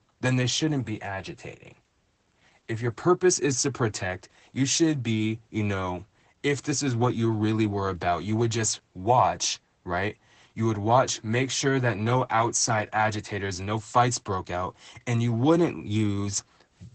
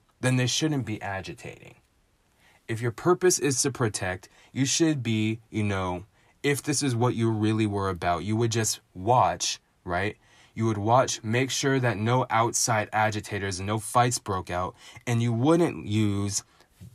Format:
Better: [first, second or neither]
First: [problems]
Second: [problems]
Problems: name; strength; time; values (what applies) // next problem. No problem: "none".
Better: second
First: garbled, watery; badly; nothing above 8 kHz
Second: none